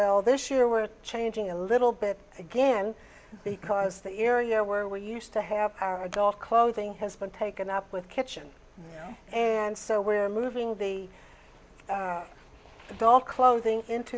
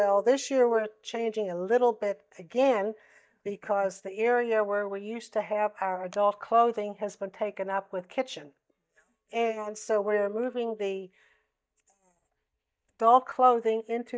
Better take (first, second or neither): first